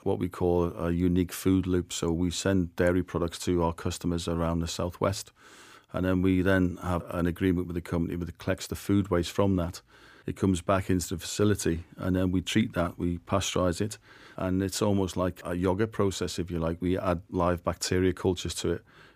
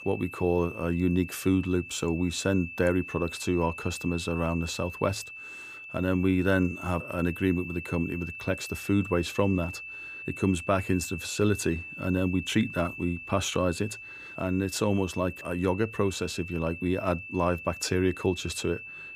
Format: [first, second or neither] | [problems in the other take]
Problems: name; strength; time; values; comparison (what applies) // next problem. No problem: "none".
first | high-pitched whine; noticeable; throughout; 2.5 kHz, 10 dB below the speech